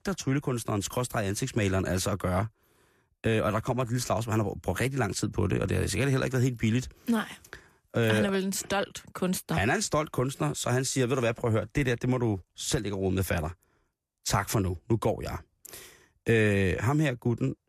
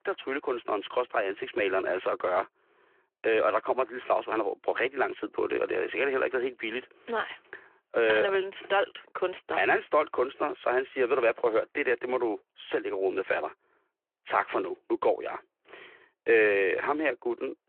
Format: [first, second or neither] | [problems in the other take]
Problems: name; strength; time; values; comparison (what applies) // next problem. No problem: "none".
first | phone-call audio